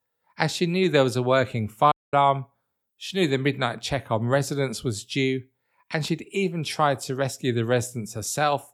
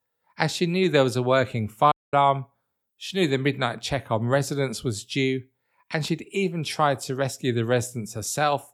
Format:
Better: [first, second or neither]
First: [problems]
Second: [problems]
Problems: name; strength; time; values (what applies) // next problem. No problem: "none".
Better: neither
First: audio cutting out; at 2 s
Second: audio cutting out; at 2 s